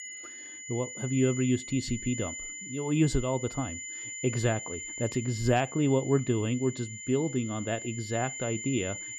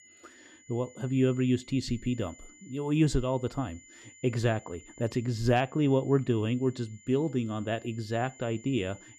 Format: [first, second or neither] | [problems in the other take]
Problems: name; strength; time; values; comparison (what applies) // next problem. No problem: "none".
second | high-pitched whine; loud; throughout; 7 kHz, 8 dB below the speech; faint in the second